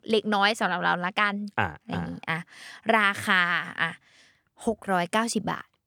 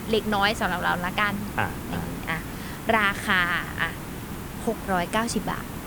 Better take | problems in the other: first | hiss; loud; throughout; 9 dB below the speech

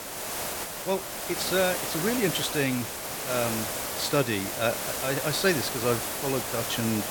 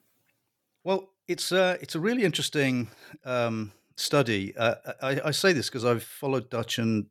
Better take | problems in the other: second | hiss; loud; throughout; 2 dB below the speech

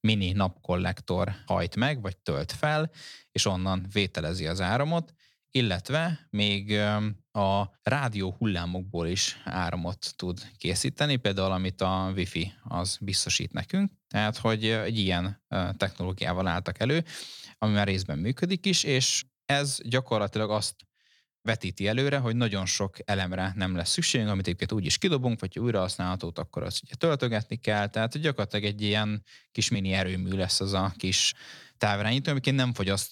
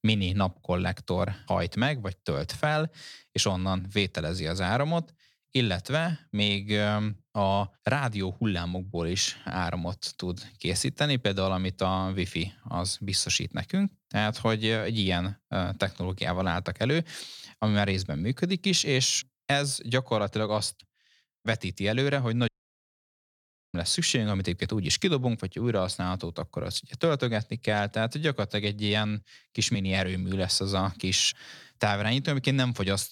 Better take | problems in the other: first | audio cutting out; at 22 s for 1.5 s

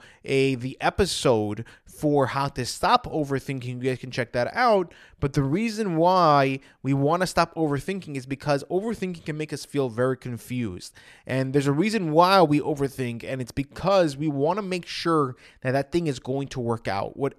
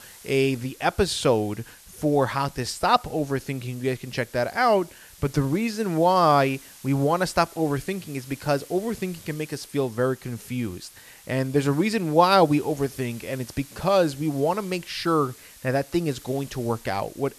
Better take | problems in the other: first | hiss; faint; throughout; 20 dB below the speech

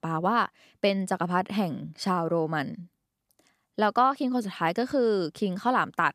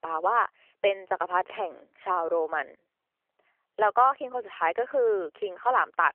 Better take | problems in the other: first | phone-call audio; nothing above 3 kHz

